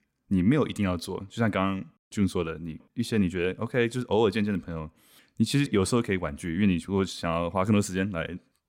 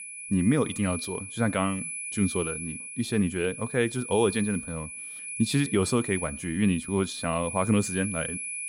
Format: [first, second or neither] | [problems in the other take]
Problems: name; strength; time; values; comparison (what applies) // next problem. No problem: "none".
first | high-pitched whine; loud; throughout; 10 kHz, 7 dB below the speech